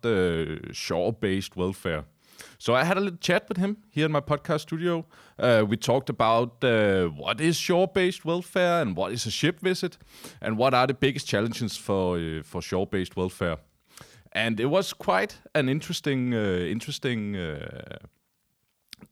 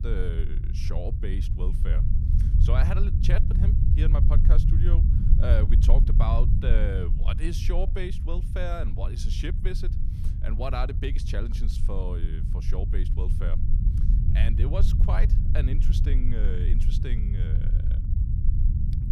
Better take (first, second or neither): first